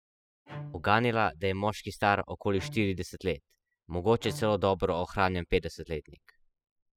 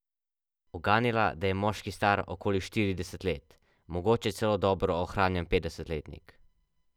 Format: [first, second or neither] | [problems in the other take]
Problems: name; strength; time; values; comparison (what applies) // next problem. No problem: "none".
second | noise reduction (classical method spectral subtraction)